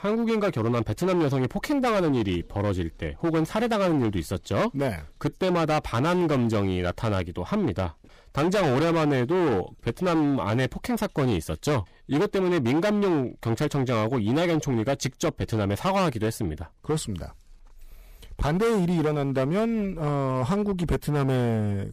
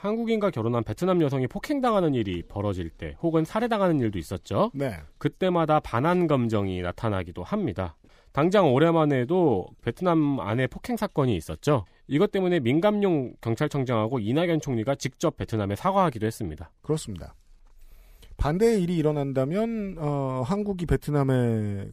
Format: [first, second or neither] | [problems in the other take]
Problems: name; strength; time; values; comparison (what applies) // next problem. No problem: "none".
second | distortion; heavy; 18% of the sound clipped